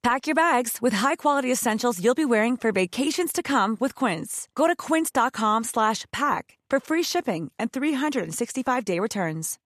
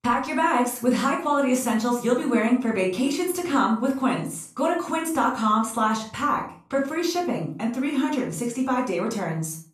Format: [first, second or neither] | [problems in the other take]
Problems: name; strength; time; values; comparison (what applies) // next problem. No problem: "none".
first | off-mic speech; far // room echo; slight; dies away in 0.4 s